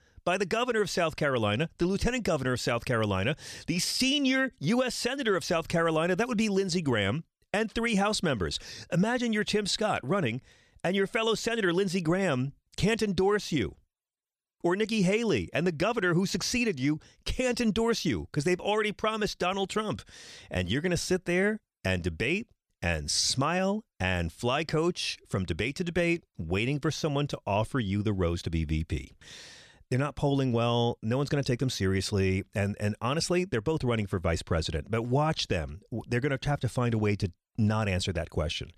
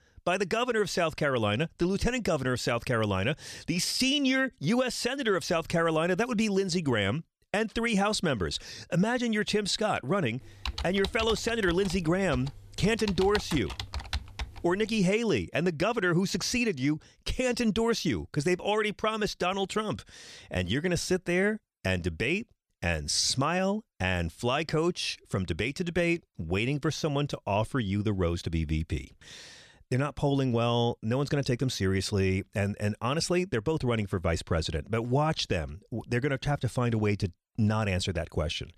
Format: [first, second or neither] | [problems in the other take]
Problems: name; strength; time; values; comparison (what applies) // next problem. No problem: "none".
first | keyboard typing; noticeable; from 10 to 15 s; peak 6 dB below the speech